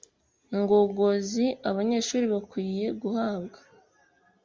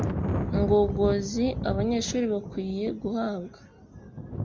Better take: first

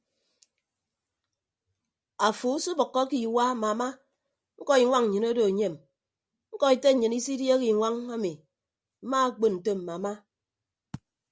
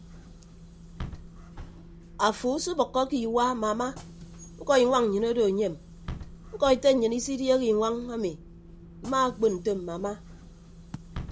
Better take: first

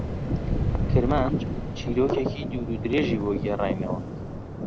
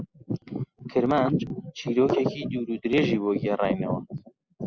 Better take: second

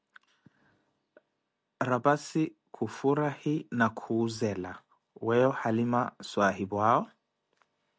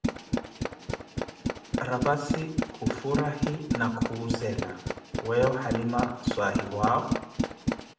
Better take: first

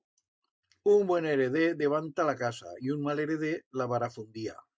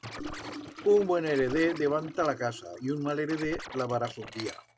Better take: first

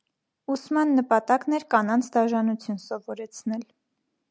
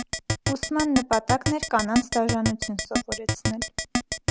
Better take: first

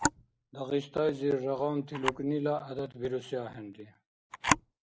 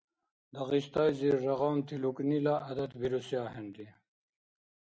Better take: second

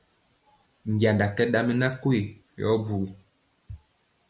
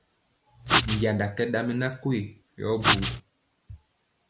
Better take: first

